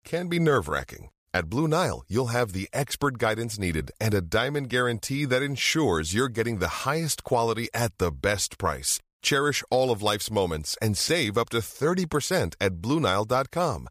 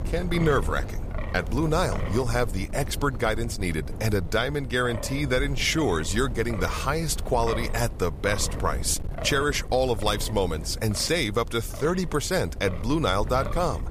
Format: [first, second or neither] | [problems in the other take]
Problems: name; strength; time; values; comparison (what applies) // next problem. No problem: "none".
first | wind noise on the microphone; occasional gusts; 15 dB below the speech